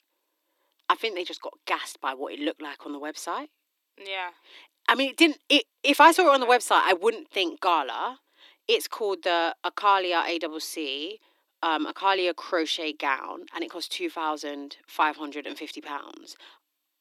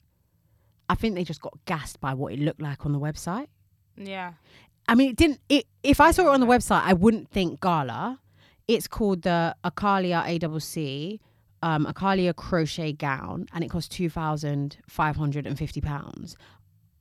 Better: second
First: thin; somewhat; fading below 300 Hz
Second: none

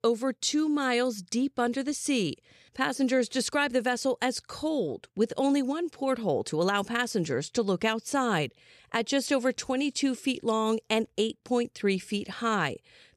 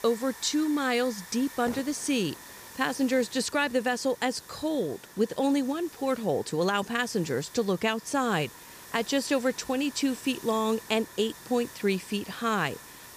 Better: first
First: none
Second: hiss; noticeable; throughout; 15 dB below the speech

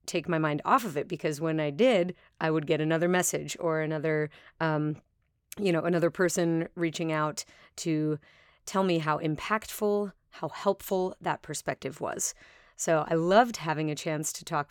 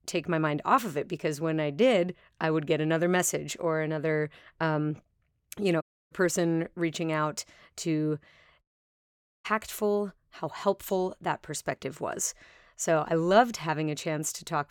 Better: first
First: none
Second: audio cutting out; at 6 s and at 8.5 s for 1 s

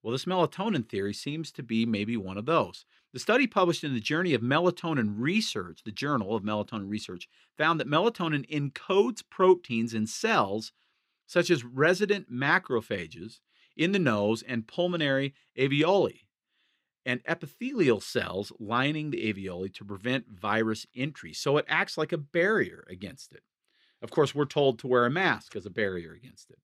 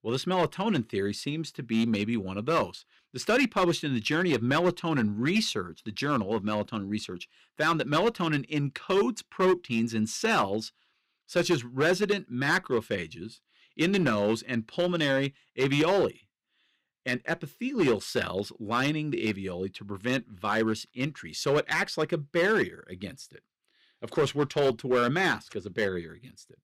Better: first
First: none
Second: distortion; slight; 4% of the sound clipped

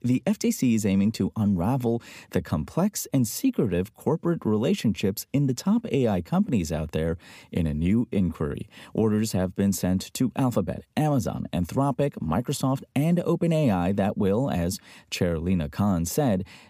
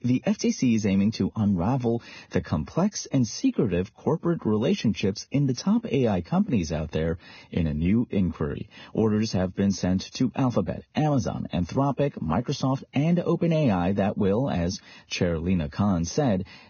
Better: first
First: none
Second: garbled, watery; badly; nothing above 6.5 kHz

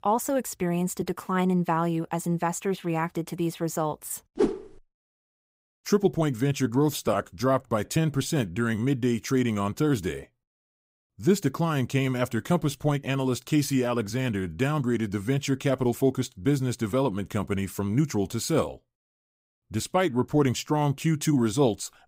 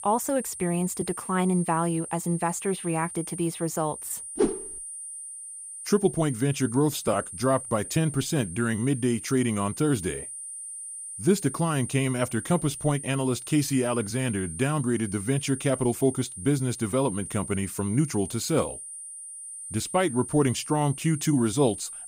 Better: first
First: none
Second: high-pitched whine; loud; throughout; 9 kHz, 10 dB below the speech

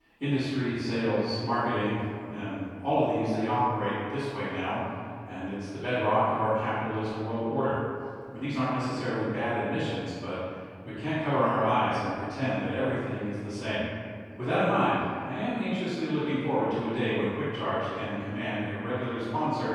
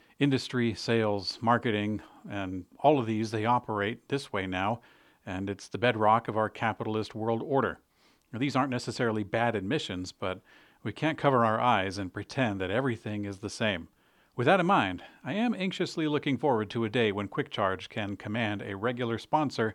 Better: second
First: off-mic speech; far // room echo; strong; dies away in 2.1 s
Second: none

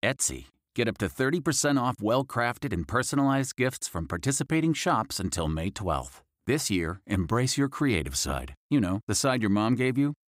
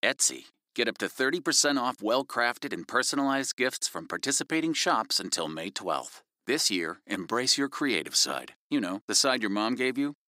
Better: first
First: none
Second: thin; very slightly; fading below 250 Hz

